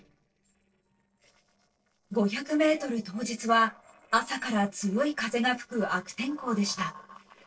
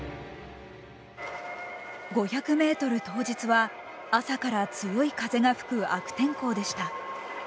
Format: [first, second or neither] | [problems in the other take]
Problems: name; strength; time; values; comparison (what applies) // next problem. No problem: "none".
second | noise reduction (neural separator model SepFormer DNS4)